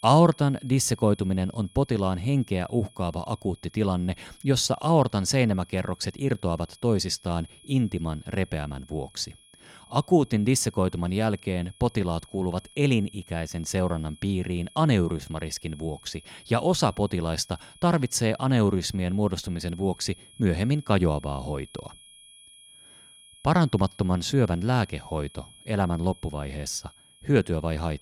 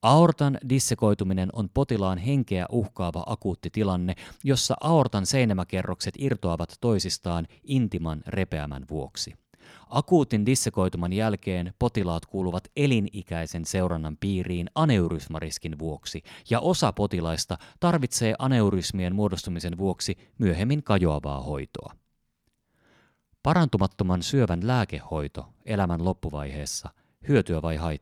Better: second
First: high-pitched whine; faint; throughout; 3.5 kHz, 25 dB below the speech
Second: none

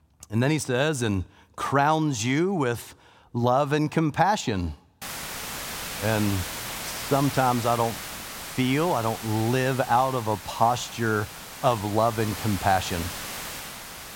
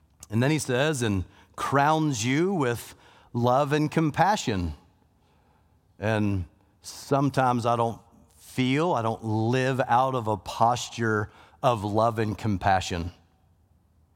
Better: second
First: hiss; loud; from 5 s on; 9 dB below the speech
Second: none

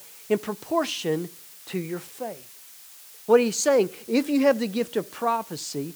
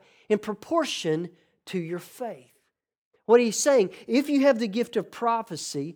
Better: second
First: hiss; noticeable; throughout; 20 dB below the speech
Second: none

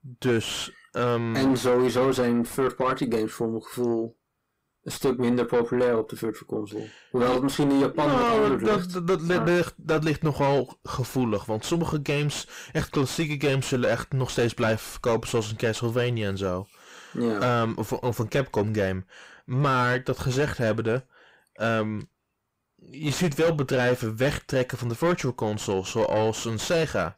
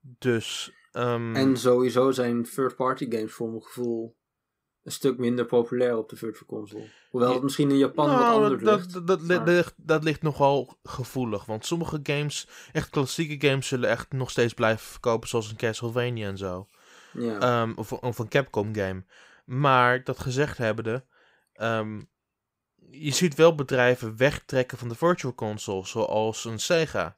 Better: second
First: distortion; heavy; 6 dB below the speech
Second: none

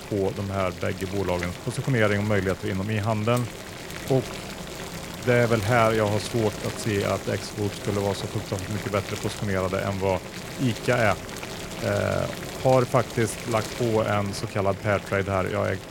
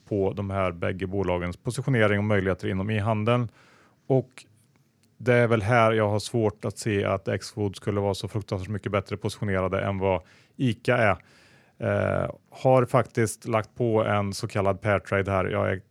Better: second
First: household noises; loud; throughout; 9 dB below the speech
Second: none

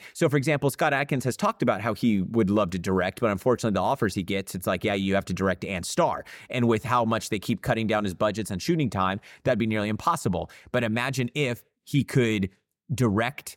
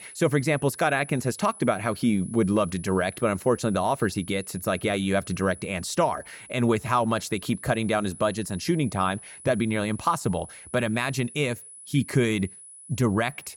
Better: first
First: none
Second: high-pitched whine; noticeable; throughout; 10 kHz, 15 dB below the speech

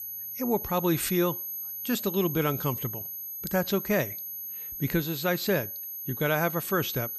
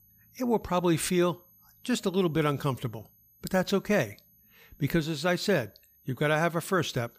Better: second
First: high-pitched whine; loud; throughout; 12 kHz, 5 dB below the speech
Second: high-pitched whine; faint; throughout; 12 kHz, 30 dB below the speech

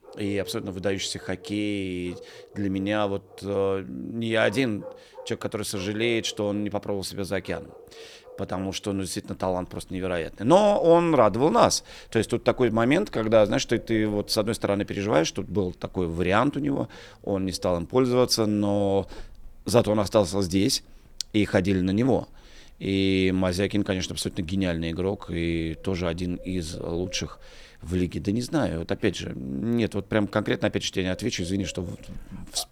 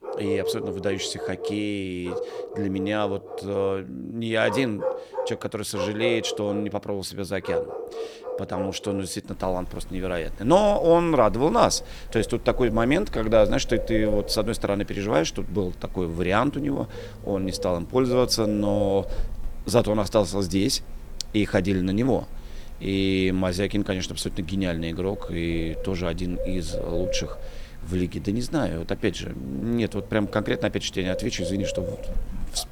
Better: first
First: animal sounds; faint; throughout; 25 dB below the speech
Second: animal sounds; loud; throughout; 10 dB below the speech

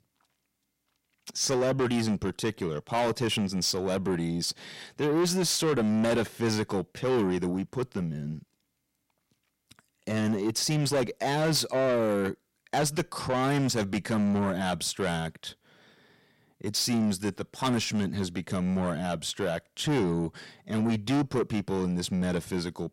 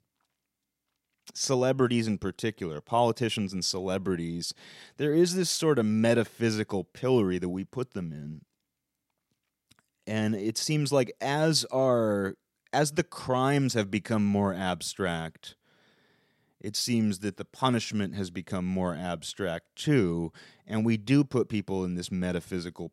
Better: second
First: distortion; heavy; 8 dB below the speech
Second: none

